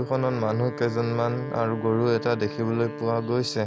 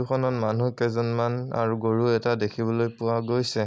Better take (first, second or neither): second